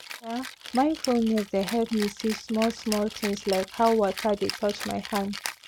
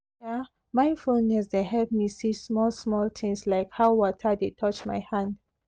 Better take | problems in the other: second | background sound (Rattle (instrument)); 12 dB below the speech

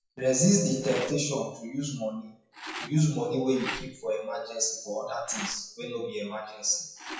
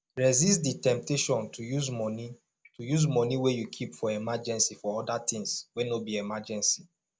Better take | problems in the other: second | noise reduction (classical method WPE with log-MMSE)

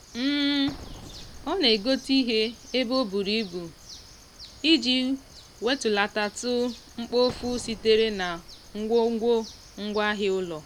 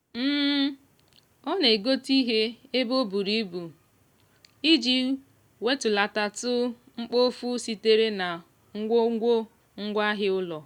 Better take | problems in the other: second | background sound (Explosion + Bird); 19 dB below the speech

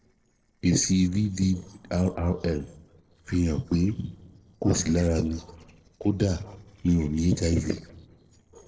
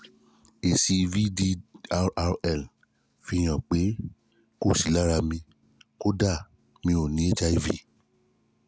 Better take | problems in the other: second | noise reduction (neural separator model SepFormer DNS4)

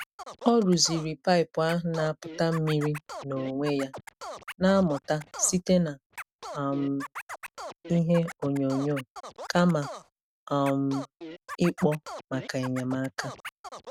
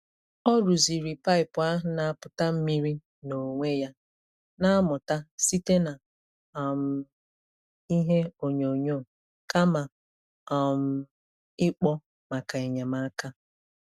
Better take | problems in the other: second | background sound (Scratching (performance technique)); 14 dB below the speech

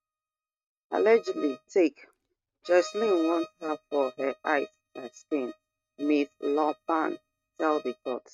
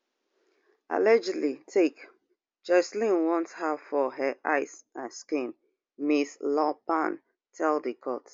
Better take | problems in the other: second | noise reduction (neural mask model RNNoise)

